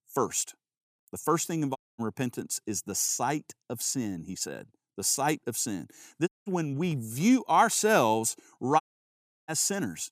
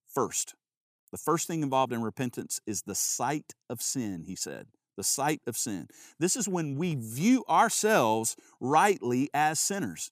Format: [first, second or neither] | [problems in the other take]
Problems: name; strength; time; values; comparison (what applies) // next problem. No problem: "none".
second | audio cutting out; at 2 s, at 6.5 s and at 9 s for 0.5 s